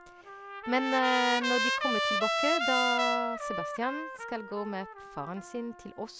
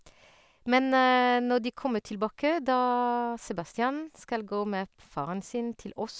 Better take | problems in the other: second | background sound (Trumpet); as loud as the speech

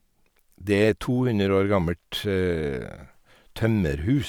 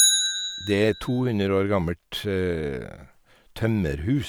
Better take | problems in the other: first | background sound (Bicycle); 4 dB below the speech

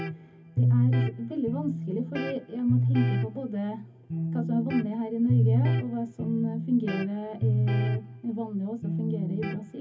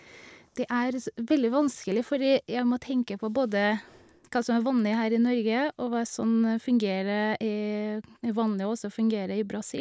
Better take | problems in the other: second | background sound (Electric guitar); 3 dB above the speech // room echo; dies away in 0.3 s

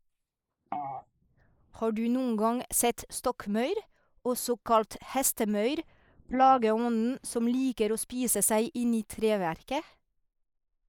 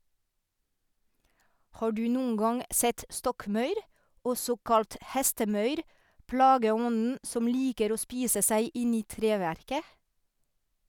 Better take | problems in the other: second | noise reduction (neural mask model Resemble Enhance denoiser)

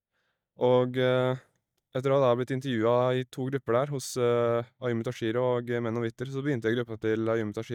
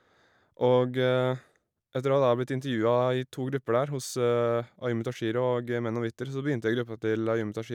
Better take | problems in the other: second | noise reduction (neural mask model DeepFilterNet 3)

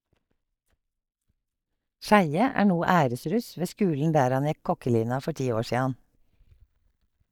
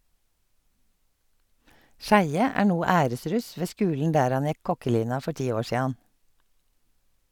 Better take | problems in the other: second | noise reduction (neural mask model DeepFilterNet 3)

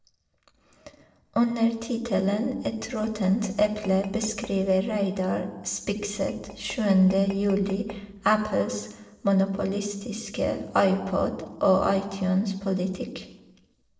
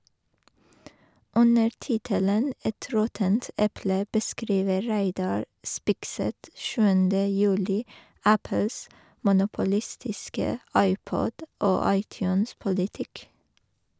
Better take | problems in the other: second | noise reduction (neural separator model SepFormer DNS4)

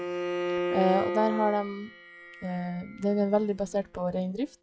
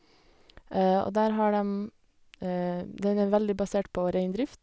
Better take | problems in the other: second | noise reduction (classical method log-MMSE)

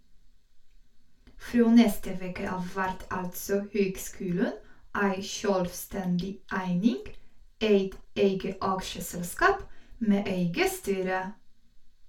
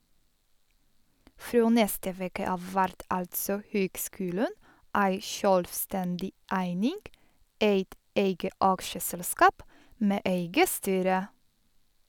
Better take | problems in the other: second | room echo; dies away in 0.2 s

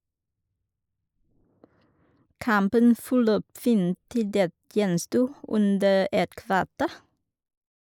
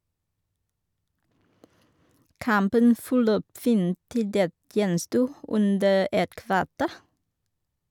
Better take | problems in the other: second | noise reduction (neural mask model Resemble Enhance denoiser)

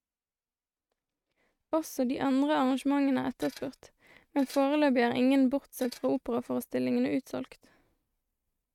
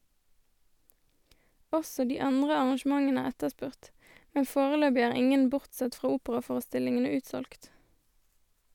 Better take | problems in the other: second | noise reduction (neural mask model RNNoise)

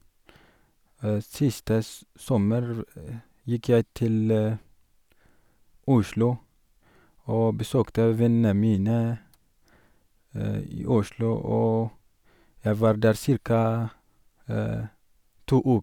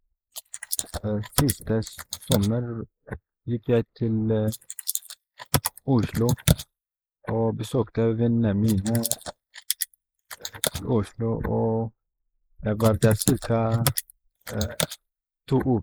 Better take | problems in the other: first | noise reduction (neural mask model Resemble Enhance denoiser)

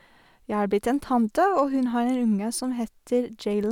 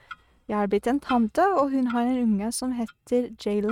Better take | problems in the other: first | noise reduction (neural mask model RNNoise)

